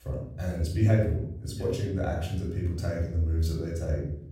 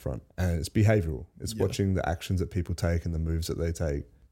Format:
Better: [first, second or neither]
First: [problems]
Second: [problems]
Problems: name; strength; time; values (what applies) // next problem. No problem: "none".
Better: second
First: off-mic speech; far // room echo; noticeable; dies away in 0.9 s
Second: none